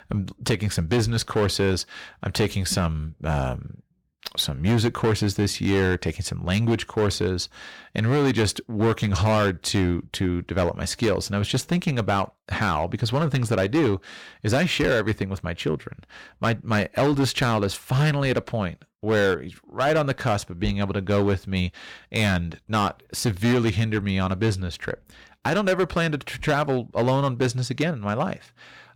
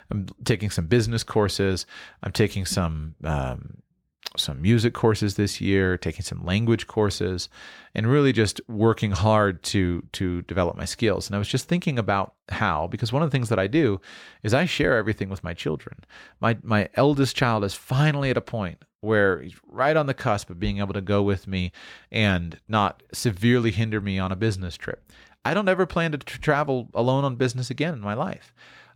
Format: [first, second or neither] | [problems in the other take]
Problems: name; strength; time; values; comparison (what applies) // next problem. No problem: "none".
second | distortion; slight; 8% of the sound clipped